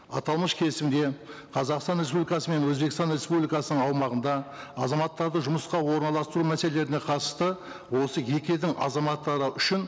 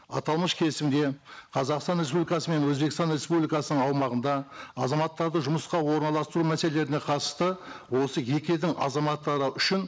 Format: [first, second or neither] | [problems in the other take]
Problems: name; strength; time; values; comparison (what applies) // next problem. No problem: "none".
first | noise reduction (neural mask model Resemble Enhance denoiser)